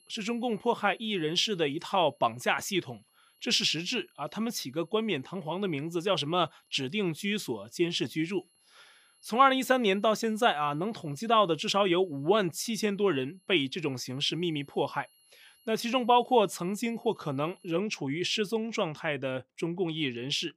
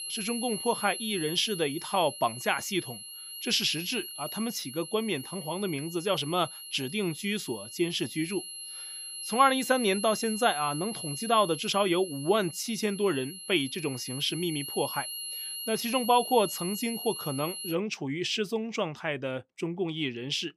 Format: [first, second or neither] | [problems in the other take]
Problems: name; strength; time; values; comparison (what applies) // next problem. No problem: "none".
first | high-pitched whine; loud; until 18 s; 11 kHz, 8 dB below the speech; faint in the first